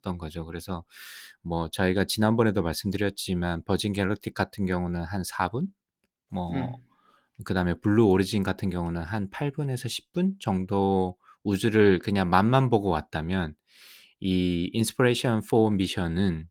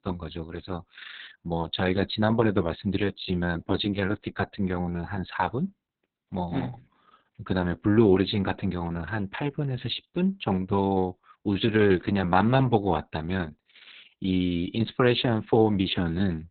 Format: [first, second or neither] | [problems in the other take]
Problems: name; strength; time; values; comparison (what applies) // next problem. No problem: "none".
first | garbled, watery; badly; nothing above 4 kHz; slightly in the first